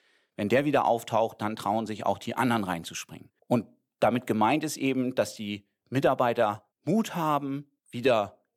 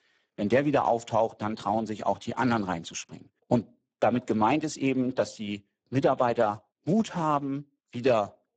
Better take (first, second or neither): first